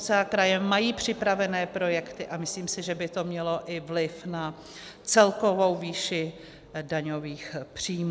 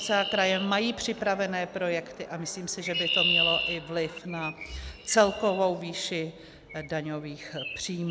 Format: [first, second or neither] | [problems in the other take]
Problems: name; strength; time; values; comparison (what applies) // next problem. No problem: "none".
first | background sound (Chirp, tweet); 5 dB below the speech